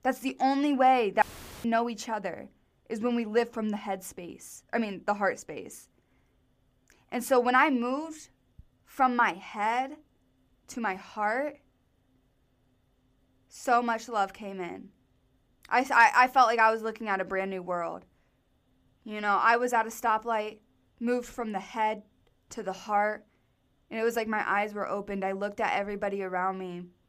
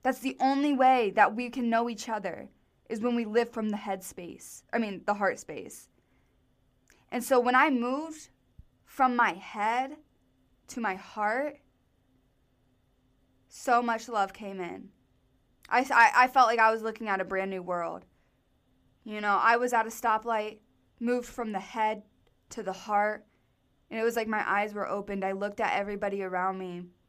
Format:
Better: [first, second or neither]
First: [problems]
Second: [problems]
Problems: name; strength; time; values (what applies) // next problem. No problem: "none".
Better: second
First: audio cutting out; filled with static; at 1 s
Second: none